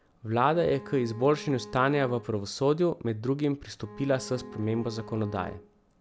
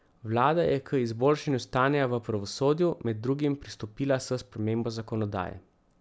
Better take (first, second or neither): second